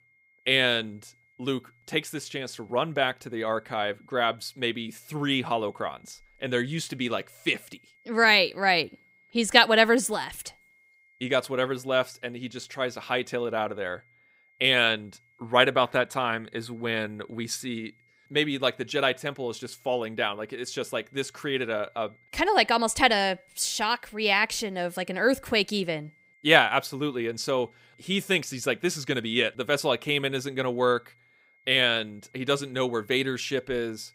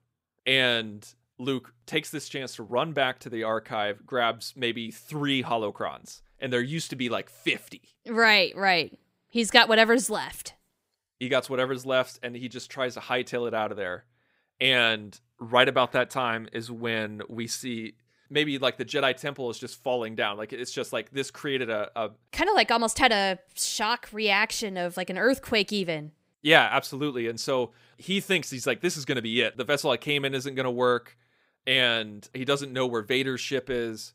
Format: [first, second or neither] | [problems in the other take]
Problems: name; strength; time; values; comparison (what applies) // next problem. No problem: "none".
second | high-pitched whine; faint; throughout; 2 kHz, 35 dB below the speech